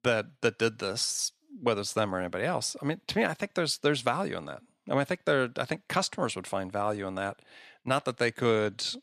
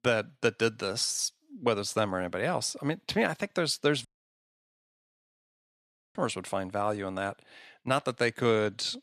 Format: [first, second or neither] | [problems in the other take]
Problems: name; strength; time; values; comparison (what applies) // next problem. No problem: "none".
first | audio cutting out; at 4 s for 2 s